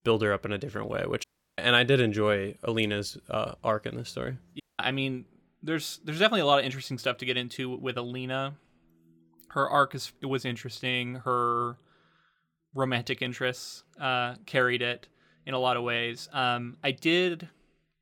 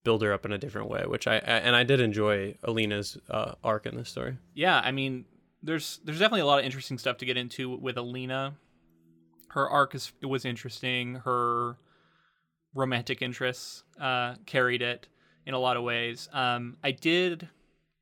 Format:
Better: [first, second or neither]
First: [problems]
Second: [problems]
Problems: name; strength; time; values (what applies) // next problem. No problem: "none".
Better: second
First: audio cutting out; at 1 s and at 4.5 s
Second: none